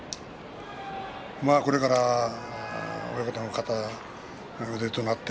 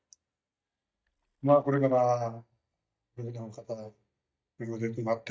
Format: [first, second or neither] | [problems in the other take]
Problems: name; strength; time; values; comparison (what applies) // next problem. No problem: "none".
first | noise reduction (neural mask model DeepFilterNet 3)